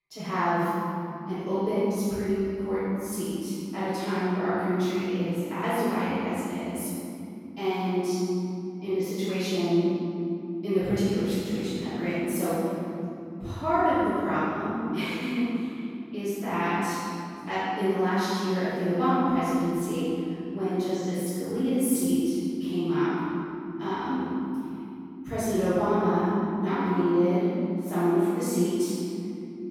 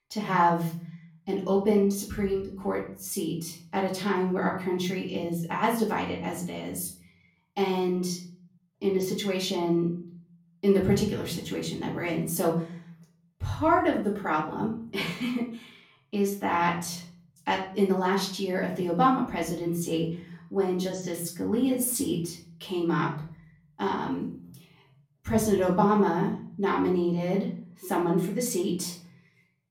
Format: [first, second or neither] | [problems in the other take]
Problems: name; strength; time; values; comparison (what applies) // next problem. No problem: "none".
second | room echo; strong; dies away in 3 s; slight in the second // off-mic speech; far; far in the second